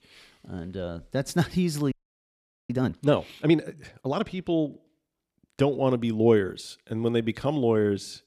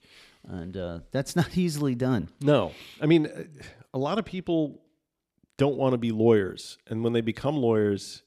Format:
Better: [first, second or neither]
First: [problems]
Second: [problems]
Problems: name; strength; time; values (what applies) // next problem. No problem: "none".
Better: second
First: audio freezing; at 2 s for 1 s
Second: none